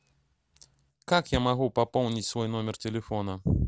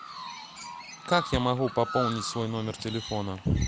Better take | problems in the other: first | background sound (Chirp, tweet); 9 dB below the speech

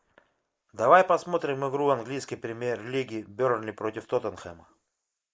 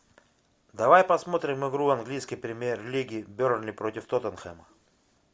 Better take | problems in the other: second | noise reduction (neural mask model Resemble Enhance denoiser)

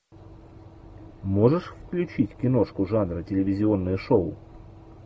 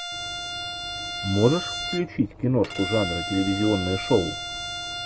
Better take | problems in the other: first | background sound (Bowed string instrument); 6 dB below the speech

